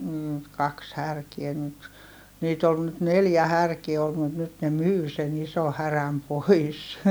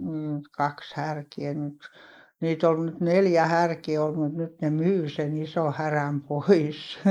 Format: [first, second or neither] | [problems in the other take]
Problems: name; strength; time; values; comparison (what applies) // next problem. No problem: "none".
first | noise reduction (neural mask model Resemble Enhance denoiser)